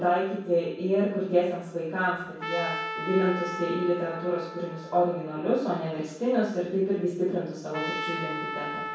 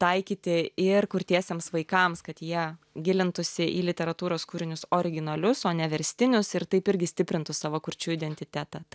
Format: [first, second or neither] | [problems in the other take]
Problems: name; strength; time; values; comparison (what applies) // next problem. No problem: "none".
second | background sound (Trumpet); 10 dB below the speech // room echo; dies away in 0.7 s